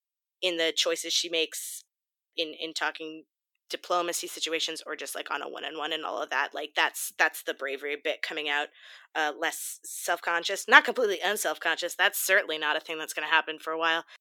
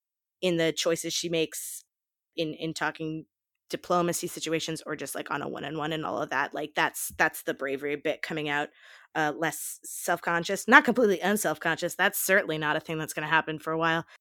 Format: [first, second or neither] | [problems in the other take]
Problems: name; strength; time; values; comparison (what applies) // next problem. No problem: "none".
second | thin; somewhat; fading below 400 Hz